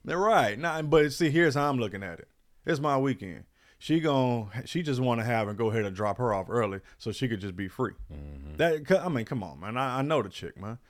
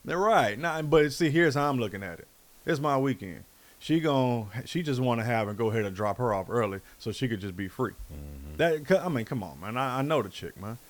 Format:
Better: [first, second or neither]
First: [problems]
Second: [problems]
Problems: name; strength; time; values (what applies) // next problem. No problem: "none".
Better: first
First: none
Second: hiss; faint; throughout; 25 dB below the speech